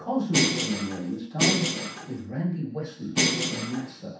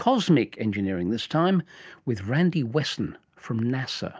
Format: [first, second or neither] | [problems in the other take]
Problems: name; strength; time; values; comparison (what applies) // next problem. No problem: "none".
second | background sound (Bell); 3 dB above the speech // room echo; dies away in 0.7 s